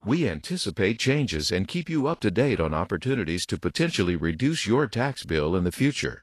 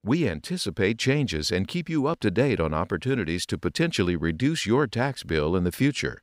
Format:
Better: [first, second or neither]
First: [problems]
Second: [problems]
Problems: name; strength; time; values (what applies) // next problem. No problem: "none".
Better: second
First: garbled, watery; slightly; nothing above 12 kHz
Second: none